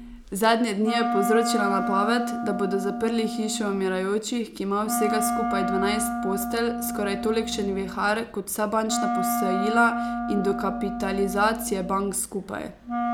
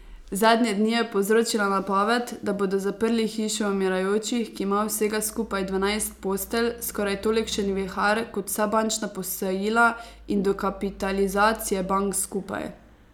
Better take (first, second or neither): second